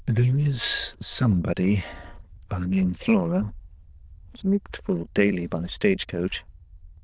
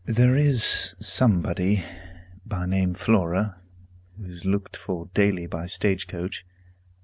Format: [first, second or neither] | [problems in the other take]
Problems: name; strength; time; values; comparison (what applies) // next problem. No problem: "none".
second | noise reduction (neural diffusion model UNIVERSE++)